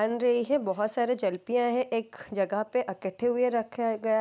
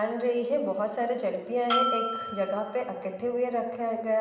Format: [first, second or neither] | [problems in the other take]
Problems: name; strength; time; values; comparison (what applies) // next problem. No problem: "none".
first | background sound (Bell); 3 dB below the speech // room echo; dies away in 1 s